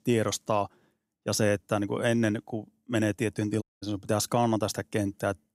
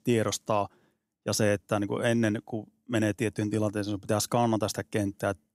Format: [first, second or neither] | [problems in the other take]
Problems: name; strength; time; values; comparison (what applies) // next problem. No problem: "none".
second | audio cutting out; at 3.5 s